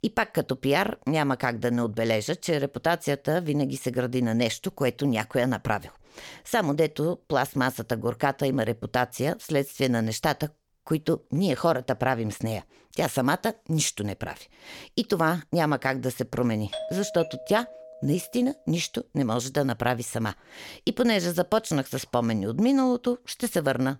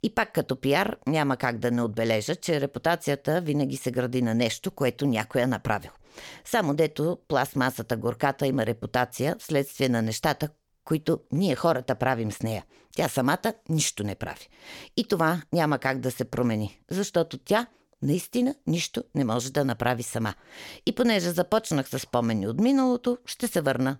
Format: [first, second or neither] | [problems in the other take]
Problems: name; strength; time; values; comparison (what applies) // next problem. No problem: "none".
second | doorbell; noticeable; from 17 to 18 s; peak 8 dB below the speech